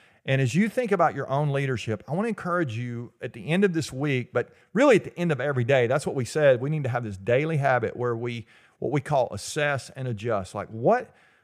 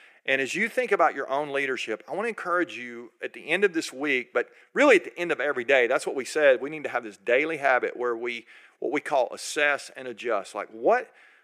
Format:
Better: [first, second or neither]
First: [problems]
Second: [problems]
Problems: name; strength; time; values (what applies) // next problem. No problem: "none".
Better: first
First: none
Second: thin; somewhat; fading below 300 Hz